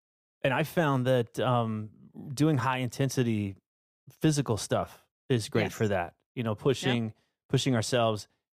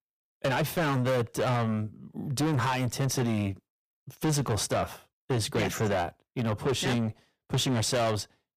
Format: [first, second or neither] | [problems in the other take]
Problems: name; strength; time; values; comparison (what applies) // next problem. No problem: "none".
first | distortion; heavy; 6 dB below the speech